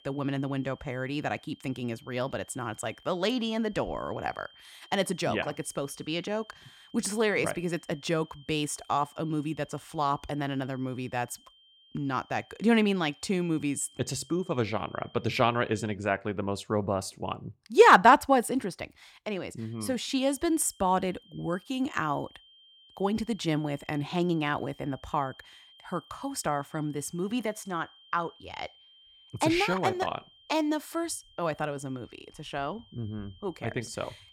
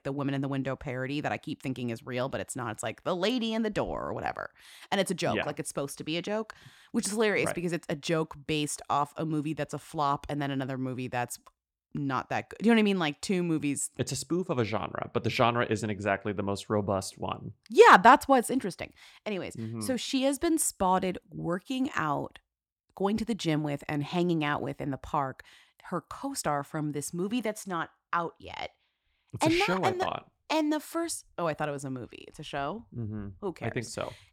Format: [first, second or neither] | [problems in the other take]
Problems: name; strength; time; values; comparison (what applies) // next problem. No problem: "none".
second | high-pitched whine; faint; until 16 s and from 20 s on; 3 kHz, 25 dB below the speech